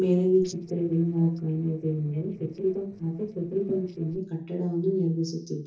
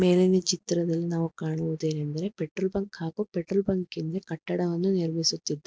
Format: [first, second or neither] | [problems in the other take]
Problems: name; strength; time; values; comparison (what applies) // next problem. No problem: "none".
second | noise reduction (neural separator model SepFormer DNS4)